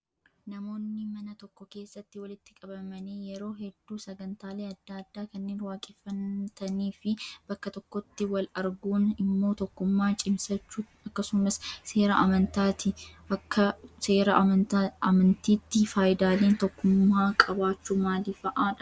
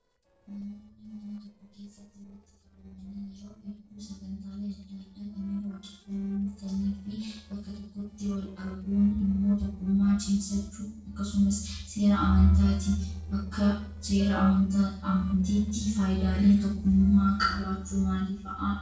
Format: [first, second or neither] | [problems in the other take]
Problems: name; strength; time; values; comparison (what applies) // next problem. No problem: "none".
first | noise reduction (neural separator model SepFormer DNS4)